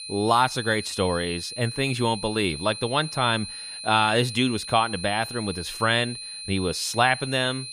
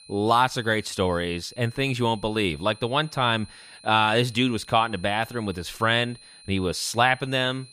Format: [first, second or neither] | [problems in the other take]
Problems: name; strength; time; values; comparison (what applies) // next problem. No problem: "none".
second | high-pitched whine; loud; throughout; 4 kHz, 10 dB below the speech; faint in the second